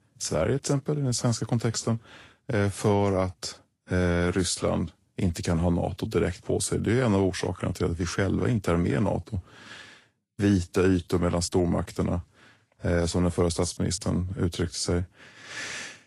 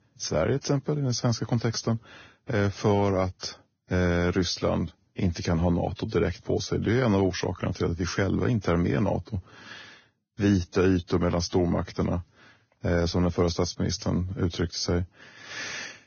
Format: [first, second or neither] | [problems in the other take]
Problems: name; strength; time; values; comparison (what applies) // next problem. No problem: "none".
first | garbled, watery; badly; nothing above 6.5 kHz; slightly in the first